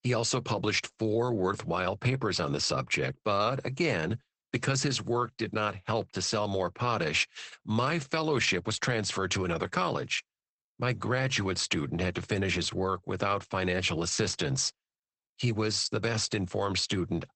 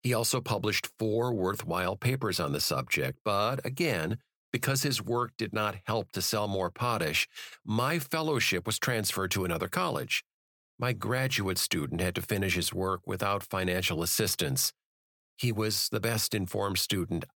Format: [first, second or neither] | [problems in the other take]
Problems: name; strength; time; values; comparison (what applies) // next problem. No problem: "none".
second | garbled, watery; badly; nothing above 8 kHz